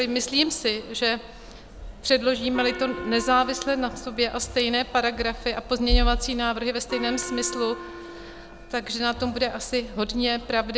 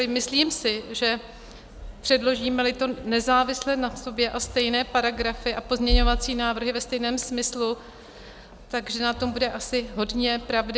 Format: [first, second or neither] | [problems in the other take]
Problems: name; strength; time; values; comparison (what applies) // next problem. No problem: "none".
second | background sound (Gong); 16 dB below the speech